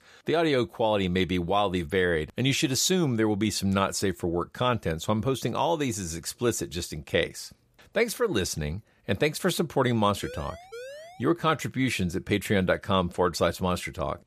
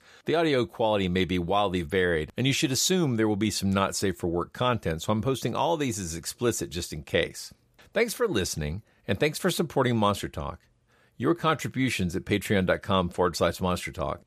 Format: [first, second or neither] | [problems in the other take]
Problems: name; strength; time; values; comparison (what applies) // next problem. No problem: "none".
second | siren; faint; at 10 s; peak 15 dB below the speech